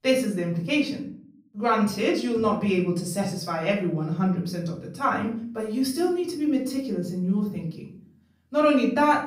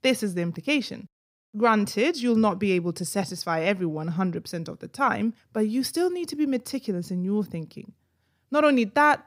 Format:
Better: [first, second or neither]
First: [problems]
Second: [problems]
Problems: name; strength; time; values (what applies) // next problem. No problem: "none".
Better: second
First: room echo; slight; dies away in 0.4 s // off-mic speech; far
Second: none